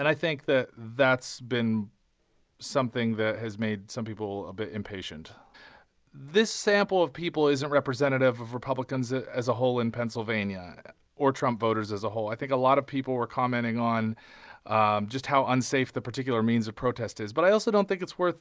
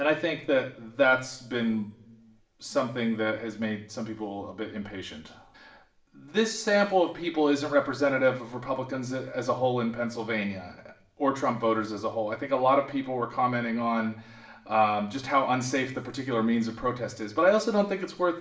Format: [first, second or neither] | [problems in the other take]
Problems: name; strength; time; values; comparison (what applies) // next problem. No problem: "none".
first | room echo; dies away in 0.7 s